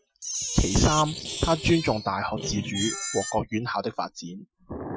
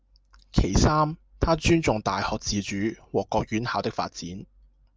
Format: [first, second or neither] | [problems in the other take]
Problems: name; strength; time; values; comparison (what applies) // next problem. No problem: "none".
second | noise reduction (classical method Wiener filter)